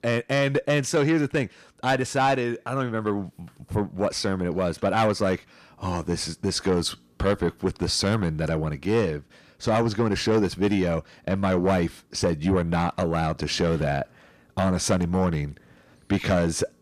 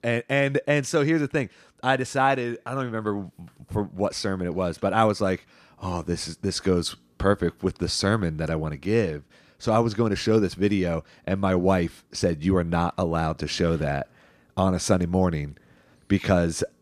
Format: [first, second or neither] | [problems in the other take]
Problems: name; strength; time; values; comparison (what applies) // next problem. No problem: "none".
second | distortion; slight; 10 dB below the speech